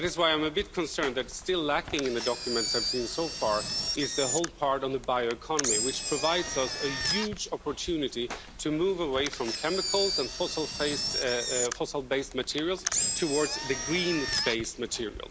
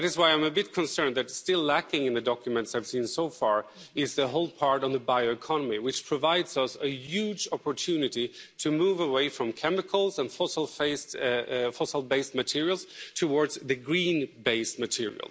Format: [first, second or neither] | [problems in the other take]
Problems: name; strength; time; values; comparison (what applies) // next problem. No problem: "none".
second | background sound (Engine); 4 dB below the speech